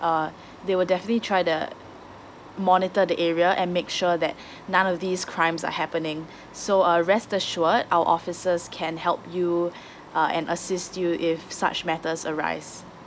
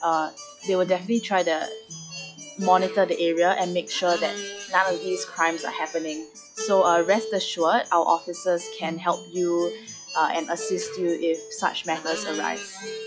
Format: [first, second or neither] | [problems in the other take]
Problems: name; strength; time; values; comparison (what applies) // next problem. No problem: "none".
first | noise reduction (classical method log-MMSE)